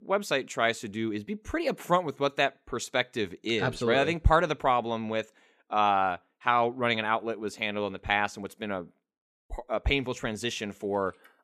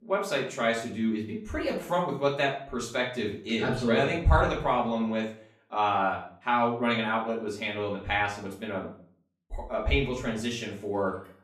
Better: first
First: none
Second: room echo; slight; dies away in 0.4 s // off-mic speech; far

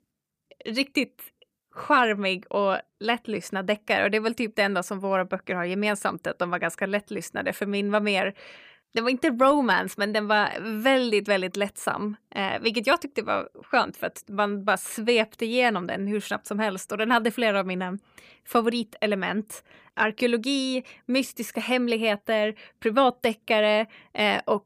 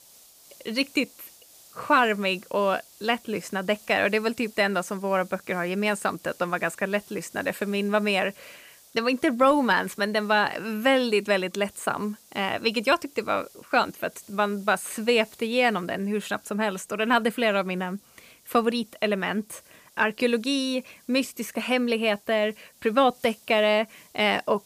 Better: first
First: none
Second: hiss; faint; throughout; 25 dB below the speech

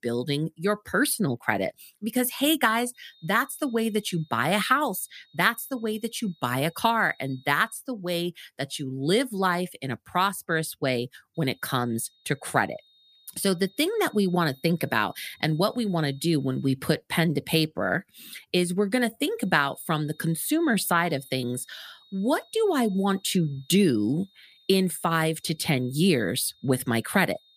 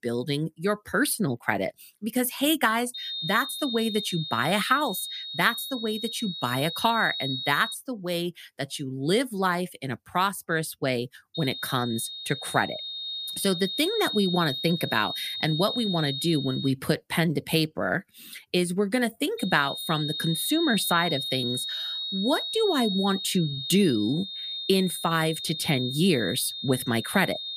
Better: first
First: high-pitched whine; faint; from 3 to 7.5 s, from 11 to 17 s and from 19 s on; 3.5 kHz, 30 dB below the speech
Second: high-pitched whine; loud; from 3 to 7.5 s, from 11 to 17 s and from 19 s on; 3.5 kHz, 5 dB below the speech

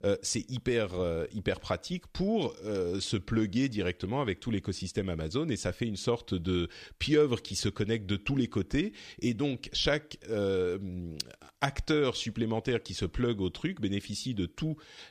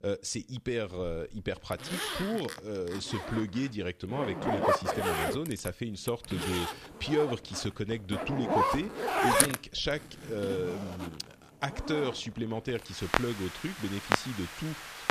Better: first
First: none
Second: household noises; very loud; throughout; 2 dB above the speech

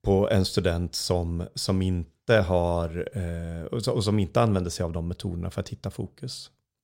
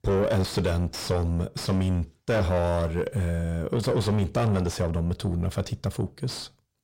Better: first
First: none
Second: distortion; heavy; 5 dB below the speech

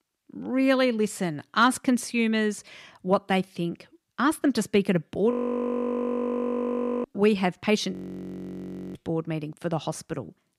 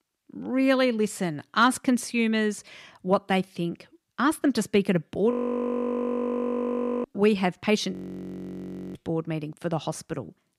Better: neither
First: audio freezing; at 5.5 s for 1.5 s and at 8 s for 1 s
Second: audio freezing; at 5.5 s for 1.5 s and at 8 s for 1 s

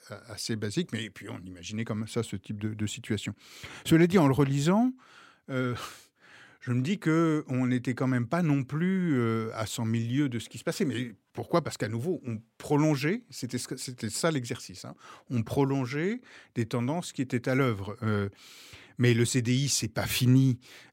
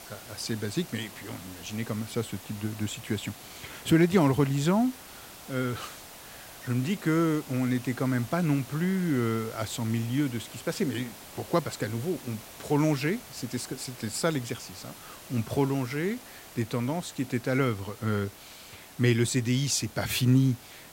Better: first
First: none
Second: hiss; noticeable; throughout; 15 dB below the speech

